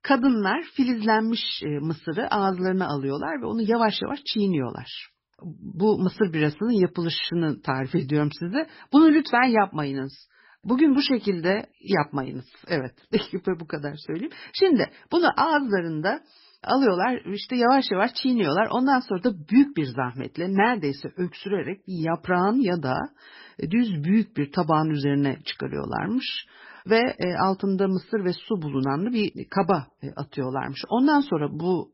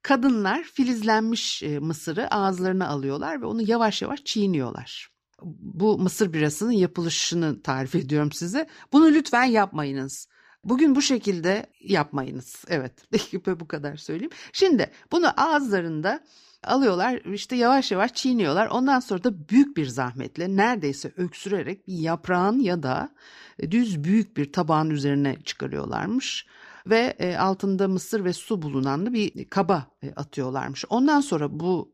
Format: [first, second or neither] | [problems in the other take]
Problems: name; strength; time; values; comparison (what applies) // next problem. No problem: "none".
second | garbled, watery; badly; nothing above 5.5 kHz